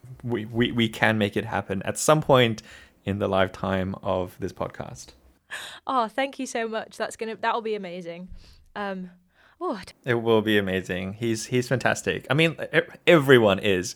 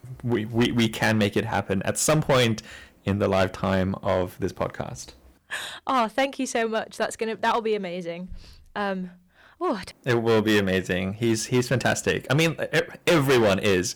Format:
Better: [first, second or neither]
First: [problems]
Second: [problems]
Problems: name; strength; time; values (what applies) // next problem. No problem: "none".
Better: first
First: none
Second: distortion; heavy; 7% of the sound clipped